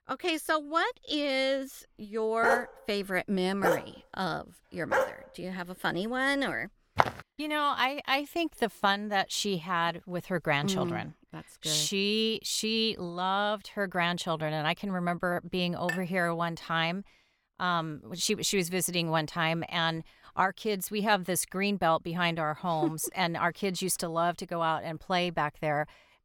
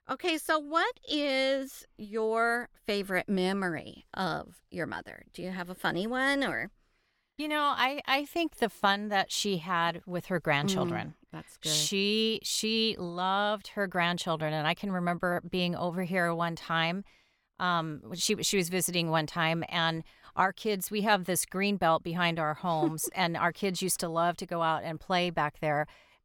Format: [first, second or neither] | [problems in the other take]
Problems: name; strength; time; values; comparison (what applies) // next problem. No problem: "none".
second | dog barking; loud; from 2.5 to 5 s; peak level with the speech // footsteps; loud; at 7 s; peak 1 dB above the speech // clattering dishes; noticeable; at 16 s; peak 7 dB below the speech